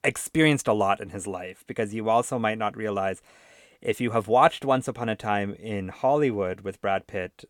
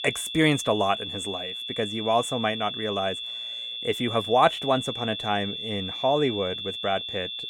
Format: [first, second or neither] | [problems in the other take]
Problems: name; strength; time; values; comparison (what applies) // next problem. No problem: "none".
first | high-pitched whine; loud; throughout; 3.5 kHz, 5 dB below the speech